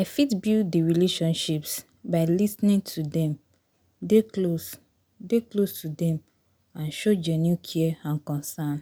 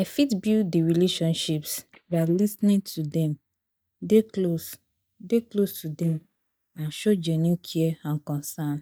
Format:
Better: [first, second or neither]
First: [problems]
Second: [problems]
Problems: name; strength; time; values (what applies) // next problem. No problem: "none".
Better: first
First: none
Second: noise reduction (neural mask model DeepFilterNet 3)